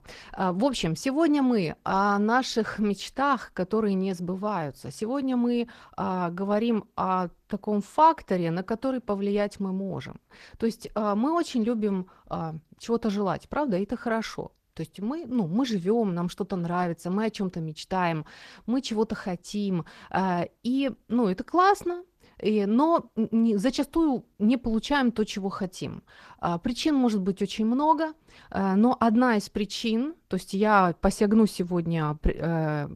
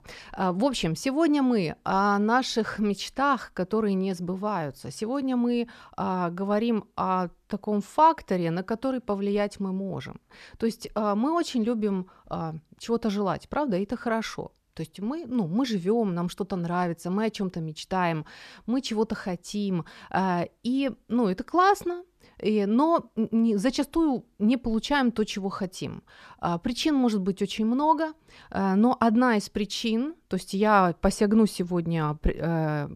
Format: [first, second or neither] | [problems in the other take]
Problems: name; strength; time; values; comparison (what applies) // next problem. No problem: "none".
second | garbled, watery; slightly; nothing above 14.5 kHz